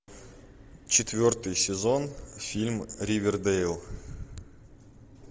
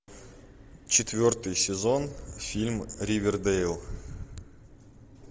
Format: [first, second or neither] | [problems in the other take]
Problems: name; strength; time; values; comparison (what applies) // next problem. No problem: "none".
first | background sound (Wind); 15 dB below the speech